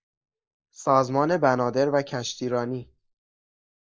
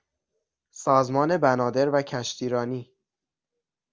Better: second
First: noise reduction (neural mask model Resemble Enhance denoiser)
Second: none

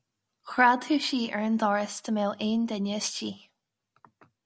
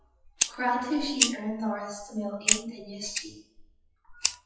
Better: first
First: none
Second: noise reduction (classical method WPE with log-MMSE)

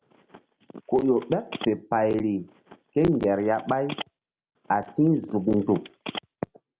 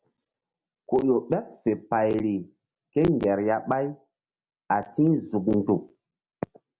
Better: second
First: background sound (Telephone); 17 dB below the speech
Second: none

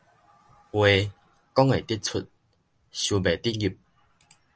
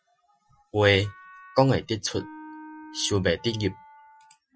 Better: first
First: none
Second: noise reduction (classical method Wiener filter)

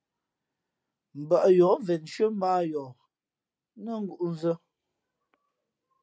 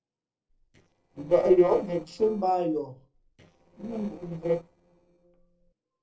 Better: first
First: none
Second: noise reduction (neural separator model SepFormer DNS4)

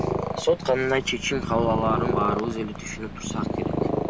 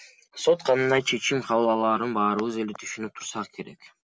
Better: second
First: background sound (Purr); 1 dB below the speech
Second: none

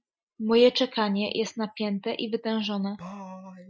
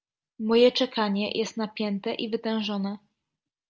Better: second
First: noise reduction (classical method Wiener filter)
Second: none

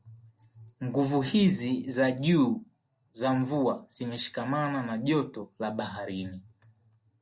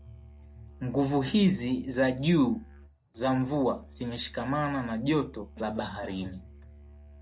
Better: first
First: none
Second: background sound (Musical instrument + Cough); 19 dB below the speech

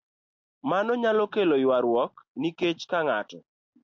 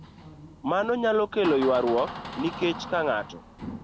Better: first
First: none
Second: background sound (Door); 12 dB below the speech

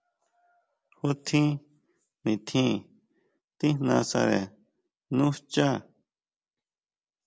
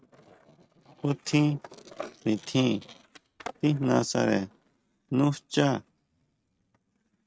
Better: first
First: none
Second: noise reduction (neural mask model RNNoise)

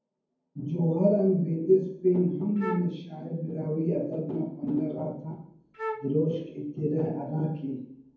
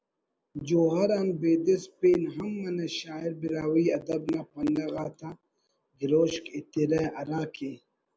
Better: second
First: background sound (Wind instrument, woodwind instrument); 9 dB below the speech // room echo; dies away in 0.9 s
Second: none

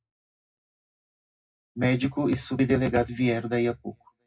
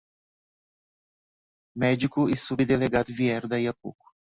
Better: second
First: room echo; dies away in 0.2 s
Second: none

